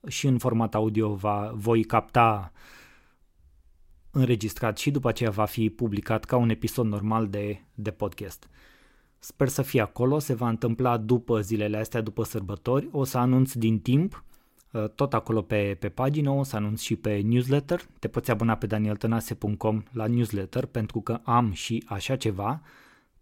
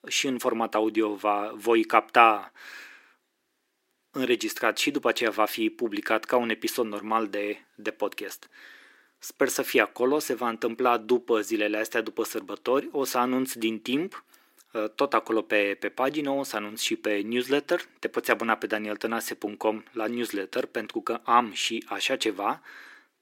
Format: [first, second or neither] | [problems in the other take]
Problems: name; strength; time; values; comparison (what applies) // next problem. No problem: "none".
first | thin; somewhat; fading below 300 Hz